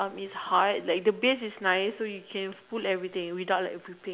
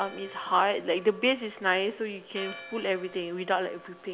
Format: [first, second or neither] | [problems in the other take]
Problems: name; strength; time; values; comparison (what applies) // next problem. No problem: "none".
first | background sound (Church bell); 19 dB below the speech